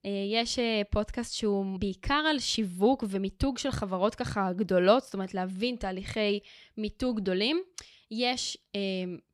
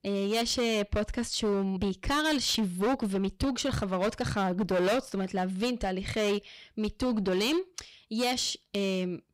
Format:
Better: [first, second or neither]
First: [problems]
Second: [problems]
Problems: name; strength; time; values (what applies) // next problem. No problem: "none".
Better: first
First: none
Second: distortion; heavy; 13% of the sound clipped